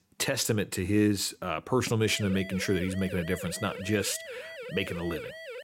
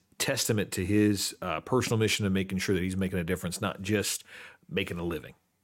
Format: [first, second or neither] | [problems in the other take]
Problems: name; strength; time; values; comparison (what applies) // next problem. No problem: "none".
second | siren; faint; from 2 s on; peak 10 dB below the speech